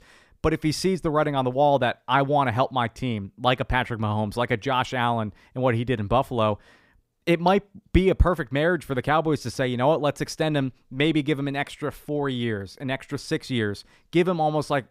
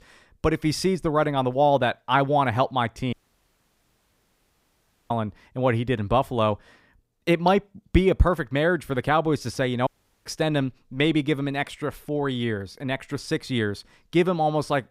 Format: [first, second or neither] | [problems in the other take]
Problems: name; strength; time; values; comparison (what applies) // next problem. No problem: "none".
first | audio cutting out; at 3 s for 2 s and at 10 s